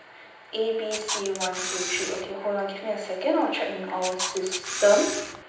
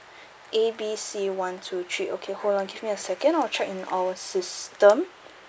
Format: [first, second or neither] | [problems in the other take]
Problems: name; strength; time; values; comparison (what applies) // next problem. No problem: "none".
second | background sound (Camera); 4 dB below the speech // room echo; dies away in 0.9 s